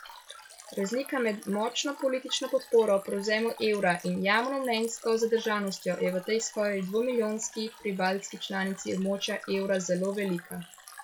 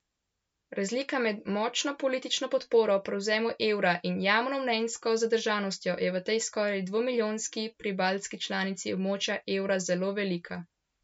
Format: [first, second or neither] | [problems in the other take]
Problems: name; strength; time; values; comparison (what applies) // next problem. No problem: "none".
second | noise reduction (classical method log-MMSE)